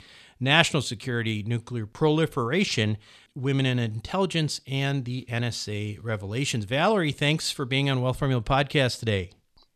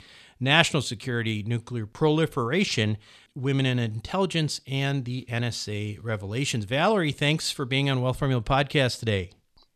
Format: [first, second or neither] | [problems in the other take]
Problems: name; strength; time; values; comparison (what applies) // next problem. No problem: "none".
neither | none